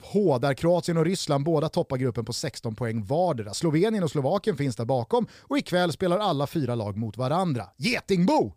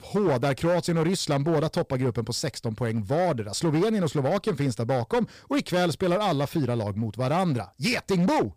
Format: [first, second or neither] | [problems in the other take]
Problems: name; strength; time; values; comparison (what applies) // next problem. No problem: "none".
first | distortion; slight; 12% of the sound clipped